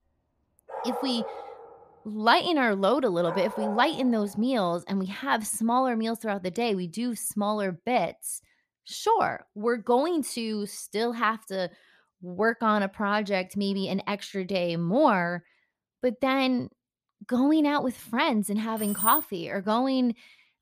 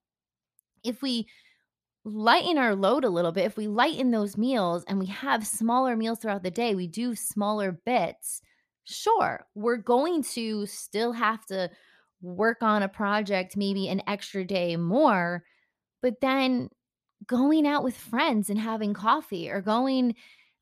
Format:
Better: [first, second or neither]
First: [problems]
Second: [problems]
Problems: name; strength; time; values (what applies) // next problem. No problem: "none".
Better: second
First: dog barking; noticeable; from 0.5 to 4.5 s; peak 7 dB below the speech // jangling keys; loud; at 19 s; peak 2 dB above the speech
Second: none